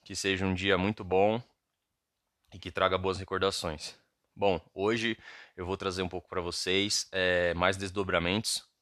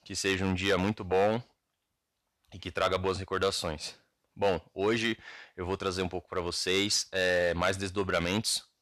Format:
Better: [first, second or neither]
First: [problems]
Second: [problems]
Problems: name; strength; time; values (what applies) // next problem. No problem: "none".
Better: first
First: none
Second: distortion; slight; 3% of the sound clipped